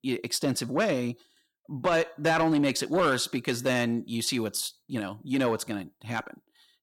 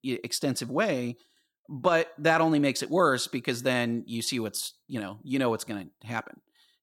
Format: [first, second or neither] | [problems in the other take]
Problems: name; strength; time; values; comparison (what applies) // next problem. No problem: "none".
second | distortion; slight; 10 dB below the speech